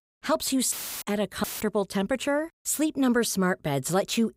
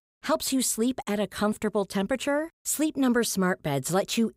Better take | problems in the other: second | audio cutting out; filled with static; at 0.5 s and at 1.5 s

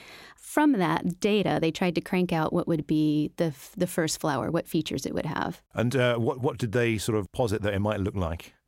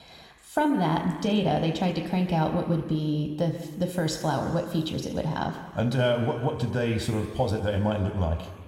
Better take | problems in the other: first | room echo; noticeable; dies away in 1.7 s

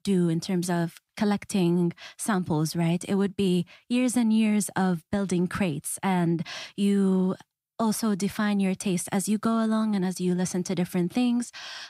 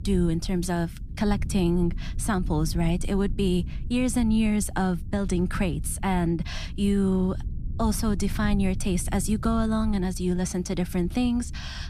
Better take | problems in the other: first | low rumble; noticeable; throughout; 20 dB below the speech

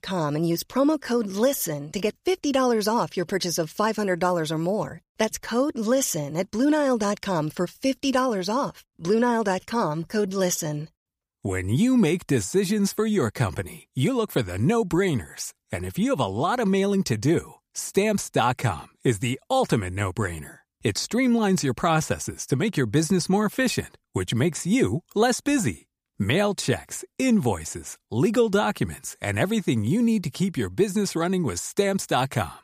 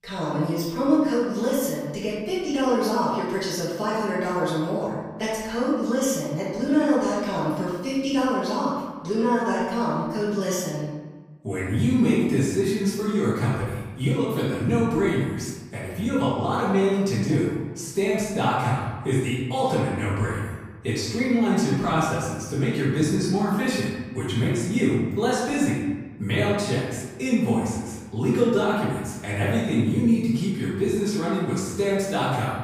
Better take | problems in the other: first | room echo; strong; dies away in 1.2 s // off-mic speech; far

